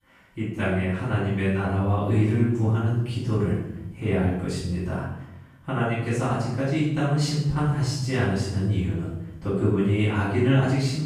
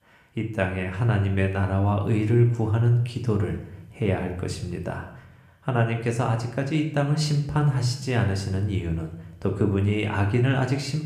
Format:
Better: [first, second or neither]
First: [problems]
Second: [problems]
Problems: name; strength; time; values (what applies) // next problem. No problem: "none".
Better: second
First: room echo; strong; dies away in 0.8 s // off-mic speech; far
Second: room echo; slight; dies away in 0.6 s